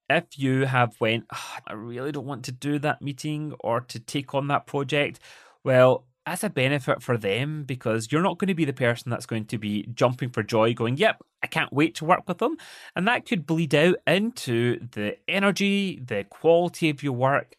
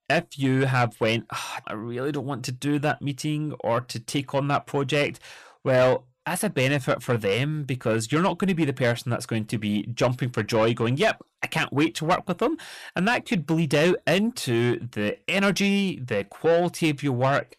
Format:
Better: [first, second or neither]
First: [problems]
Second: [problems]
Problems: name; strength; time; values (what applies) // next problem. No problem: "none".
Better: first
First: none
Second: distortion; slight; 10 dB below the speech